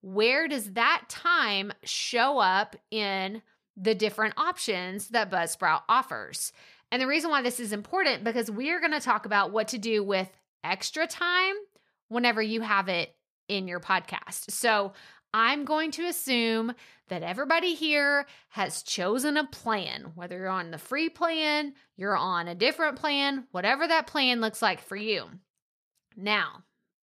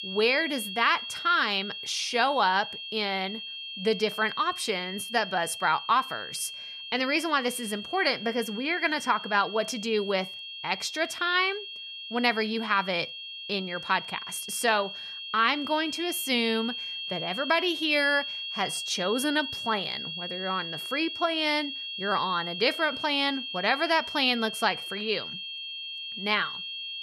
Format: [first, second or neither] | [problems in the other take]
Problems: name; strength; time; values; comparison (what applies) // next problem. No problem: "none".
first | high-pitched whine; loud; throughout; 3 kHz, 7 dB below the speech